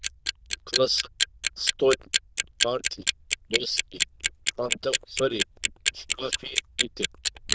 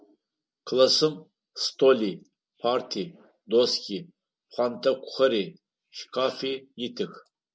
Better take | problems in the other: second | noise reduction (neural diffusion model UNIVERSE++)

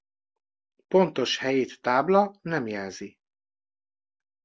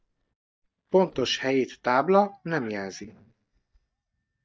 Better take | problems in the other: first | noise reduction (neural mask model DeepFilterNet 3)

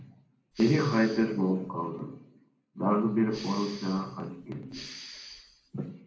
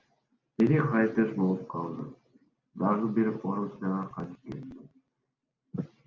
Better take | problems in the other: second | background sound (Respiratory sounds); 16 dB below the speech // room echo; dies away in 0.5 s

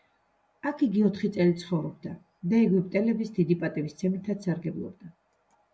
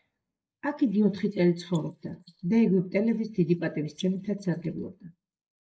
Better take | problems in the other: first | noise reduction (neural mask model Resemble Enhance denoiser)

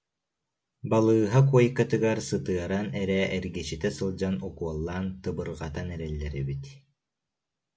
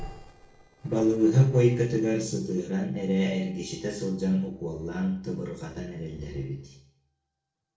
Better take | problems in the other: first | noise reduction (neural separator model SepFormer DNS4)

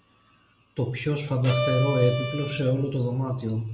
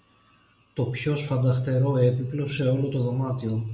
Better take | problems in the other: second | background sound (Bowed string instrument); 5 dB below the speech

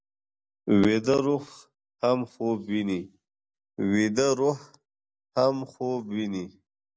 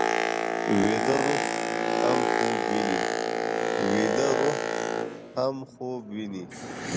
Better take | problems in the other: first | background sound (Boat, Water vehicle); 4 dB above the speech

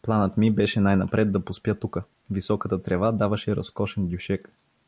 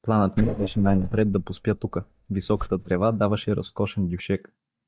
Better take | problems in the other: first | noise reduction (neural mask model DeepFilterNet 3)

